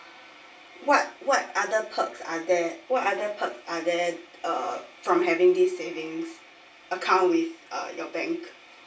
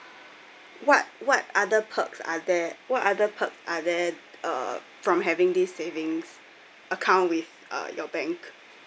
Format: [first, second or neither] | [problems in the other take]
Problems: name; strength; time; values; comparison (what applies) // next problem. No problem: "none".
second | room echo; dies away in 0.2 s